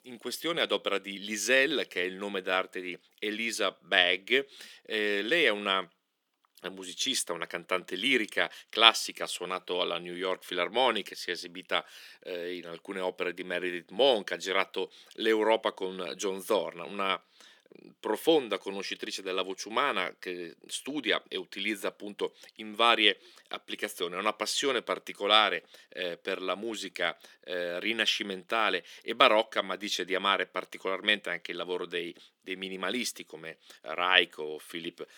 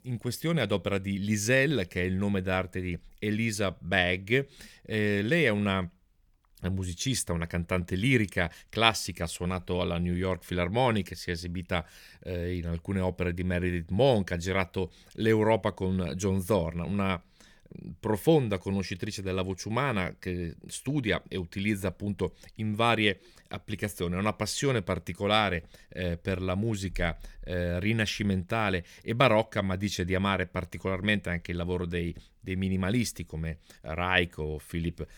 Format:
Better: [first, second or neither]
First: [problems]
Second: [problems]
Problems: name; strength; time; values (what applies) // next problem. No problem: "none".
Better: second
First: thin; somewhat; fading below 300 Hz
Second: none